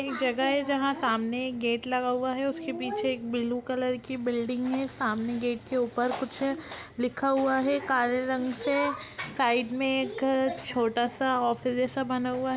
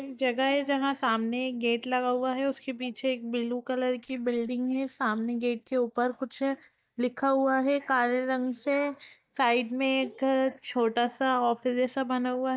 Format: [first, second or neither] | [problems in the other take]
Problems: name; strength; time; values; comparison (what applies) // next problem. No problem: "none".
first | noise reduction (neural mask model DeepFilterNet 3)